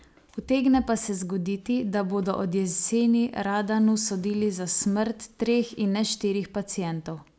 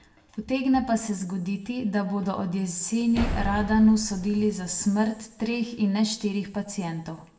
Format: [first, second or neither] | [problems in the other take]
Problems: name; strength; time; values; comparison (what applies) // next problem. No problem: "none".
first | background sound (Slam); 7 dB below the speech // room echo; dies away in 0.6 s